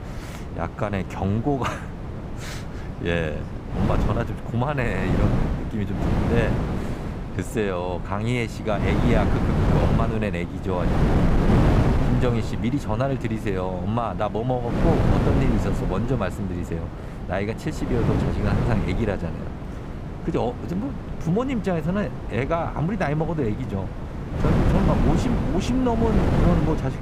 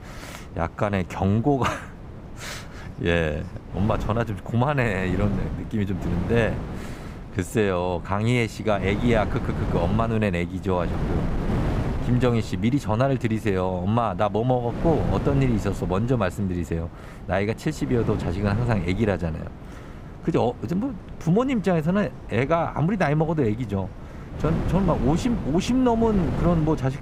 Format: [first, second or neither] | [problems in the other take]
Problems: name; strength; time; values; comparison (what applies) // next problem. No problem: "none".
second | wind noise on the microphone; heavy; 3 dB below the speech; occasional gusts in the second